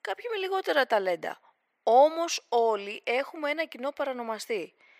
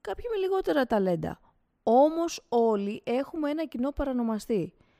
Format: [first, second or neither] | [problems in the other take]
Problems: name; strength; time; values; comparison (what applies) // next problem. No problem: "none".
second | thin; very; fading below 600 Hz